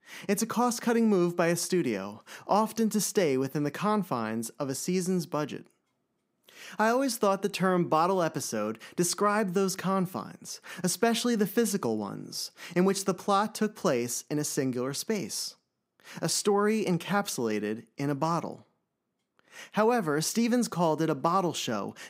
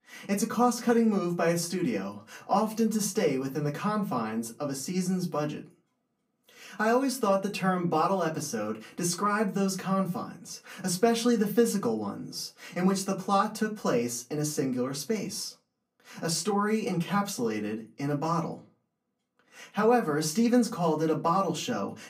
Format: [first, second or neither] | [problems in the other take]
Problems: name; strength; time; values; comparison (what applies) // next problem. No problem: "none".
first | off-mic speech; far // room echo; very slight; dies away in 0.2 s